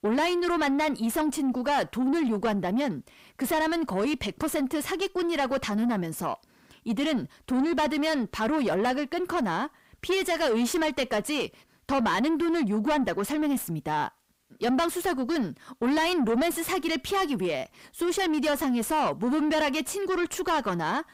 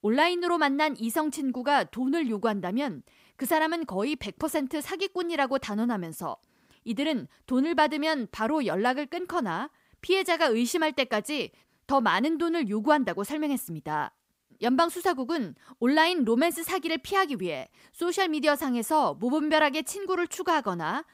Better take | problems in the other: second | distortion; heavy; 7 dB below the speech

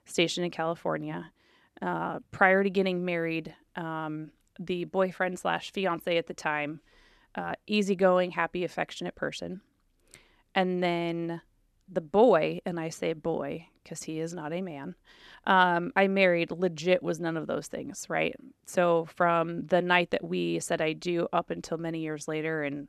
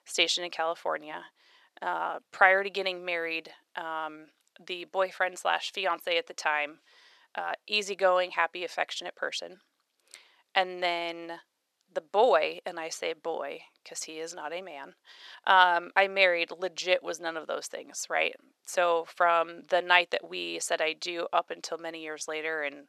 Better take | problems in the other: first | thin; very; fading below 650 Hz

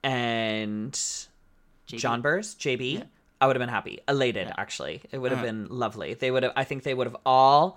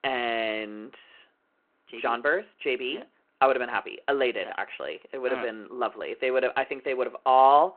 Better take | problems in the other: first | phone-call audio

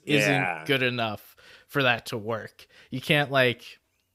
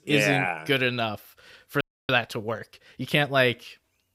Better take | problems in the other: first | audio freezing; at 2 s

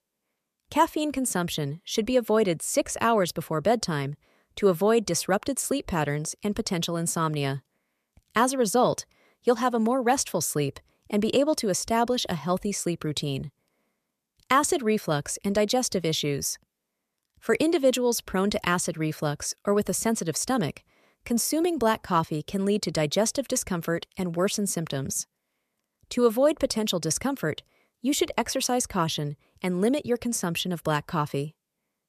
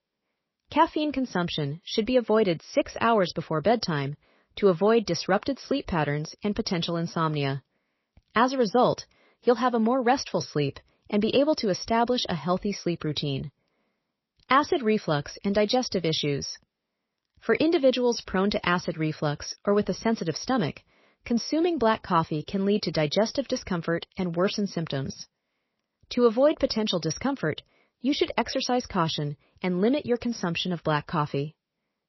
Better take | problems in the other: first | garbled, watery; slightly; nothing above 6 kHz

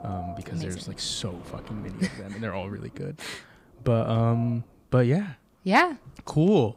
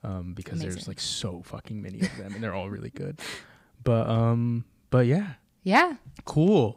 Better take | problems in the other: second | wind noise on the microphone; occasional gusts; 15 dB below the speech

